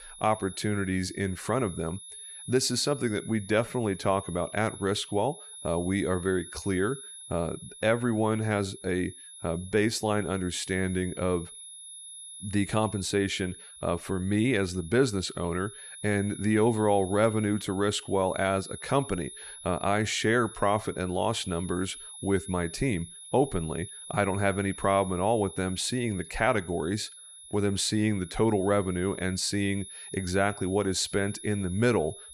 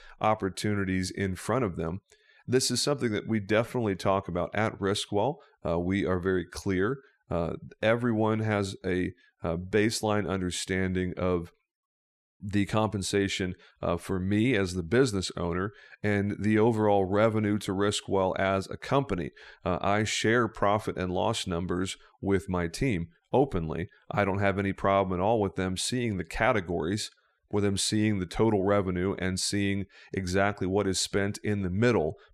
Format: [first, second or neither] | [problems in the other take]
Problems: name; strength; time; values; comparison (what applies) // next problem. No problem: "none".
second | high-pitched whine; noticeable; throughout; 10.5 kHz, 15 dB below the speech